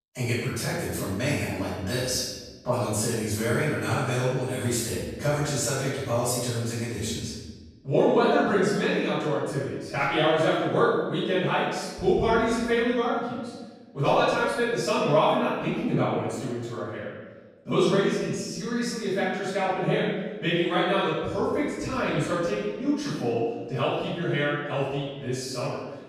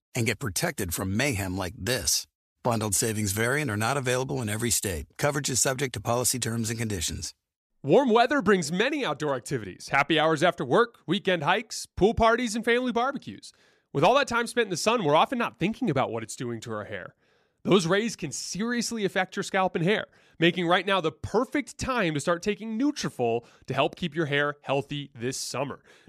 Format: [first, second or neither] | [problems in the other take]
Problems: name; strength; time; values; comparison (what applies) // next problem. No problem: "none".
second | off-mic speech; far // room echo; strong; dies away in 1.2 s